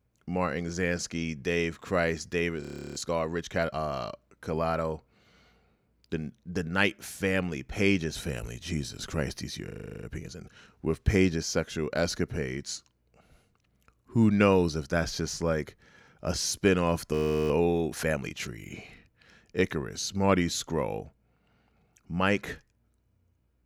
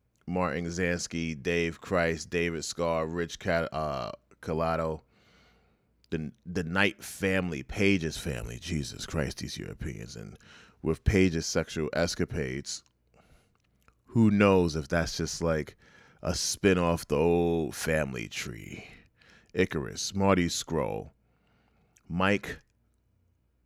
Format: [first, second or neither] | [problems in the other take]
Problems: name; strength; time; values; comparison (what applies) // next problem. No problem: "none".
second | audio freezing; at 2.5 s, at 9.5 s and at 17 s